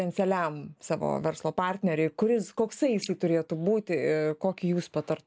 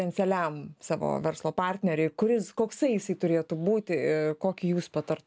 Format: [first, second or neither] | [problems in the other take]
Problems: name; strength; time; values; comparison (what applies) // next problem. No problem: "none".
second | noise reduction (neural mask model Resemble Enhance denoiser)